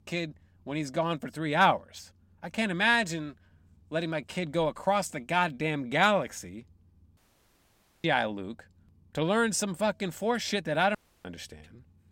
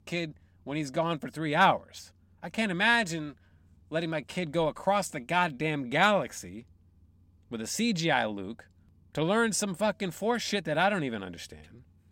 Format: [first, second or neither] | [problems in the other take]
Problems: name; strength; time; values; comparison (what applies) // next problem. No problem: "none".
second | audio cutting out; at 7 s for 1 s and at 11 s